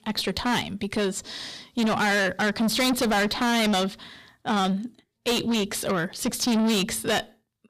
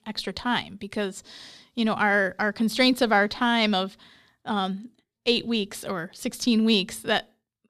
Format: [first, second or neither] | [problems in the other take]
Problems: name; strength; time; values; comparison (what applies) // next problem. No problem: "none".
second | distortion; heavy; 6 dB below the speech